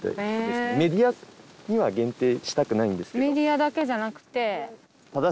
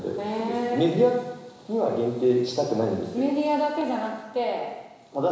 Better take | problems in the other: first | room echo; dies away in 1 s

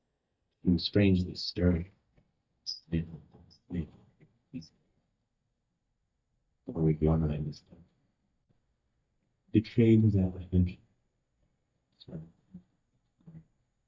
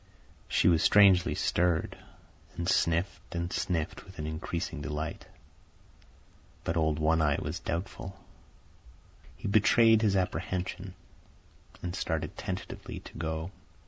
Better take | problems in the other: second | noise reduction (neural mask model DeepFilterNet 3)

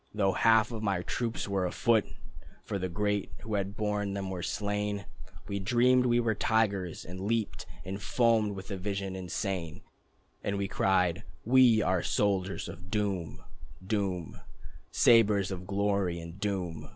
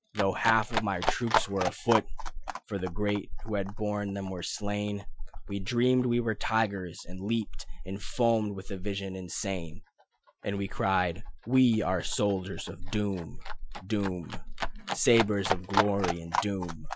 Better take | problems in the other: first | noise reduction (classical method Wiener filter)

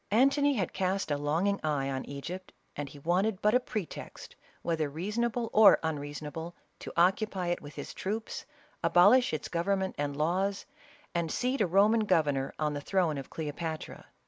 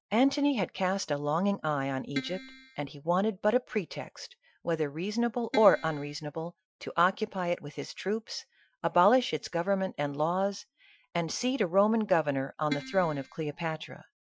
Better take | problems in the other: first | noise reduction (classical method Wiener filter)

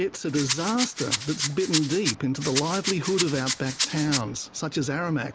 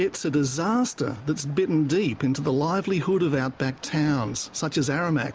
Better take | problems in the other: second | background sound (Rattle); 3 dB below the speech

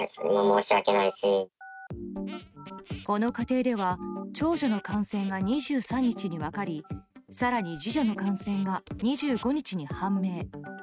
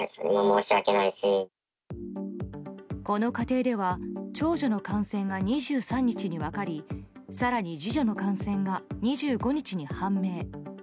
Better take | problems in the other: second | noise reduction (neural mask model RNNoise)

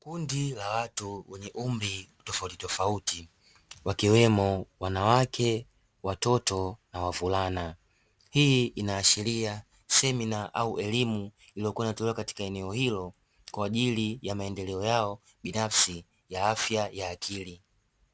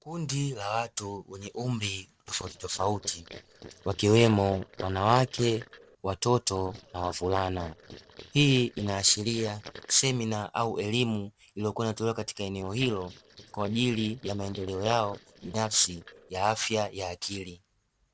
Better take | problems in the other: first | noise reduction (neural separator model SepFormer DNS4)

